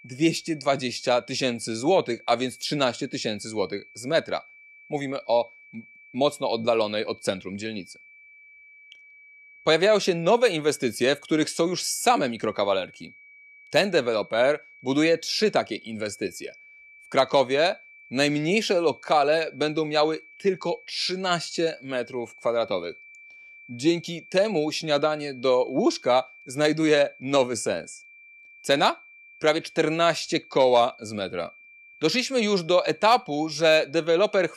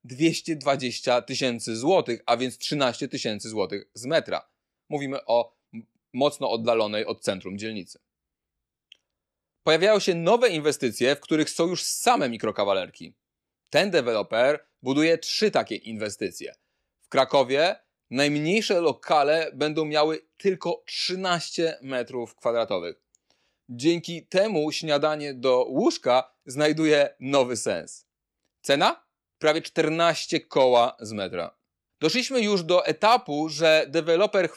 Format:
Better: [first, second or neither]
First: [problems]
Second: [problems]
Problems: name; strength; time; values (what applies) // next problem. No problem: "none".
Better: second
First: high-pitched whine; faint; throughout; 2.5 kHz, 25 dB below the speech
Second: none